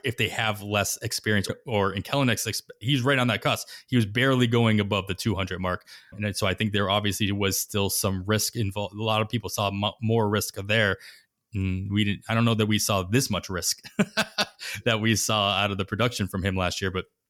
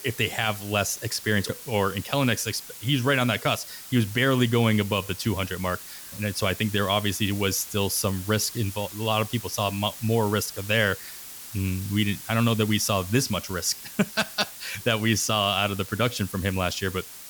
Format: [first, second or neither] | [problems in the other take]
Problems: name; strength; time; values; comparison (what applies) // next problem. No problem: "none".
first | hiss; noticeable; throughout; 15 dB below the speech